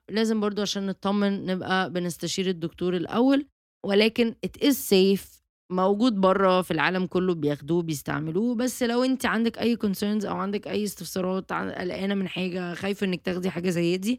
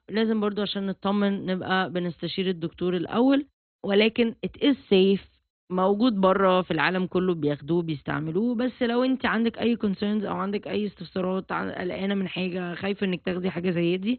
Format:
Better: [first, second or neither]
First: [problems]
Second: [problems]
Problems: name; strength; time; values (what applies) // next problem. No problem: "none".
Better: first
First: none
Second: garbled, watery; badly; nothing above 4 kHz